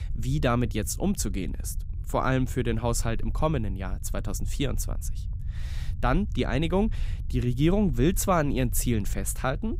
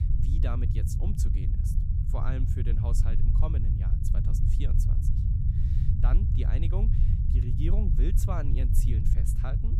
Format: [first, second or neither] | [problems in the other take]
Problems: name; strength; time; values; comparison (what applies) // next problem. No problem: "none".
first | low rumble; loud; throughout; as loud as the speech; faint in the first